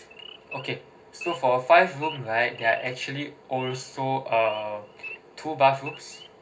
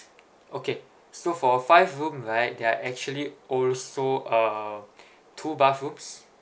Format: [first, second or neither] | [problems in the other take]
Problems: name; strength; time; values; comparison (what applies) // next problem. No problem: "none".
second | background sound (Idling / Wild animals); 18 dB below the speech // room echo; dies away in 0.4 s